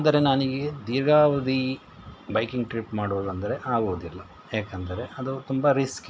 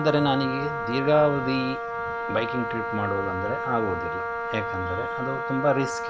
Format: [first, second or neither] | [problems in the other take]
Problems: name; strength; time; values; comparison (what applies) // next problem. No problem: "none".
first | background sound (Wind instrument, woodwind instrument); 3 dB below the speech